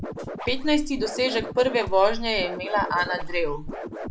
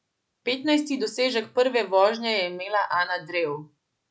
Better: second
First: background sound (Scratching (performance technique)); 6 dB below the speech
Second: none

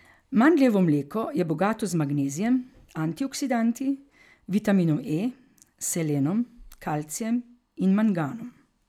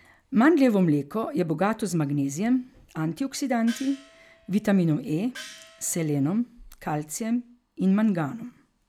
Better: first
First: none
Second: background sound (Gong); 20 dB below the speech

